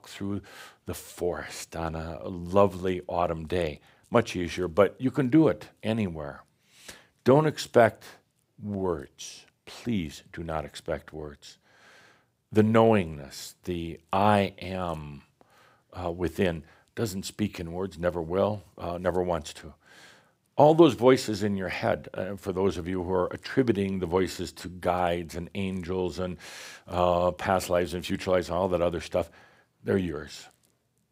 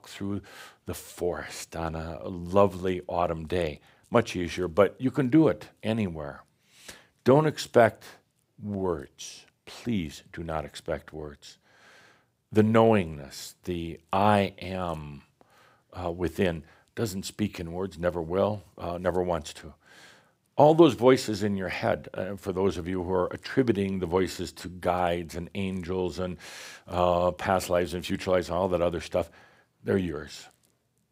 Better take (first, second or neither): neither